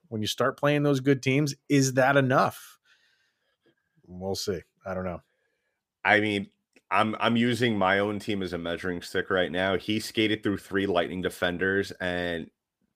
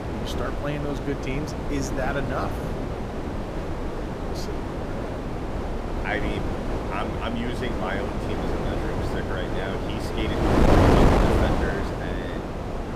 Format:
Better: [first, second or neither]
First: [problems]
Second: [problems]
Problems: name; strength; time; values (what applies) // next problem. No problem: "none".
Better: first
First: none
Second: wind noise on the microphone; heavy; 4 dB above the speech